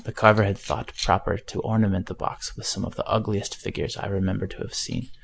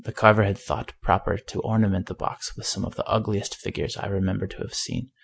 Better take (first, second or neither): second